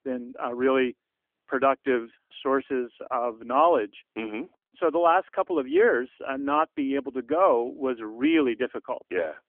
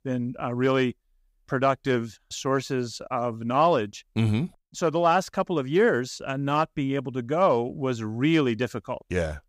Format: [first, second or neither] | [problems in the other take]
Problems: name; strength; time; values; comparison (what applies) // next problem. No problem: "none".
second | phone-call audio; nothing above 3.5 kHz